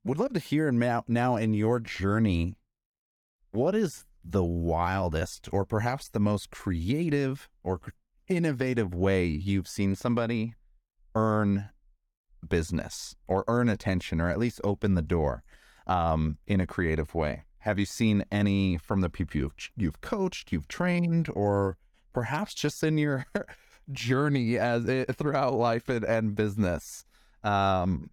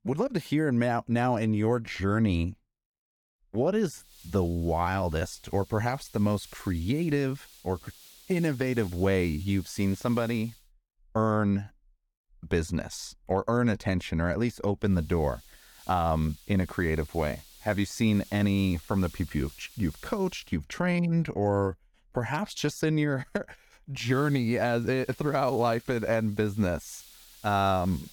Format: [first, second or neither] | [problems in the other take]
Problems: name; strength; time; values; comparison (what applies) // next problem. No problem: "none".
first | hiss; faint; from 4 to 11 s, from 15 to 20 s and from 24 s on; 20 dB below the speech